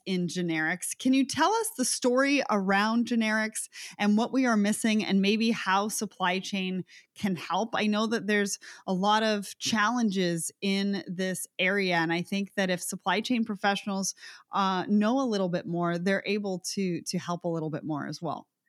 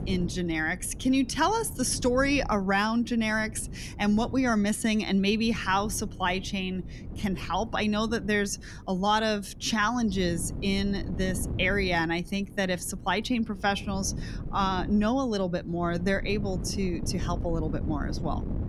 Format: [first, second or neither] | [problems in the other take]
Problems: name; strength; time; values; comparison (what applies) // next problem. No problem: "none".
first | wind noise on the microphone; occasional gusts; 20 dB below the speech